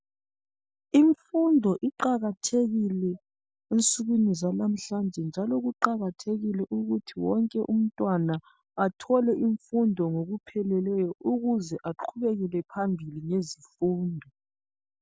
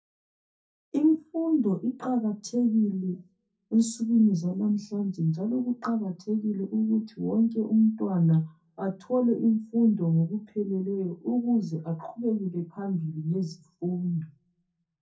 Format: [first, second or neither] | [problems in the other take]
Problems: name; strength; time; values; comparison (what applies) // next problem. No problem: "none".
first | room echo; dies away in 0.3 s